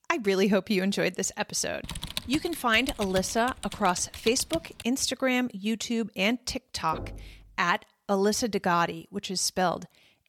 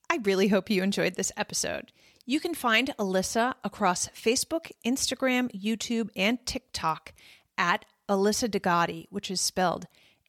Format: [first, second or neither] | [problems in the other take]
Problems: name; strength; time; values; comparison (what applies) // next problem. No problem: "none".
second | keyboard typing; noticeable; from 2 to 5 s; peak 7 dB below the speech // door banging; faint; at 7 s; peak 10 dB below the speech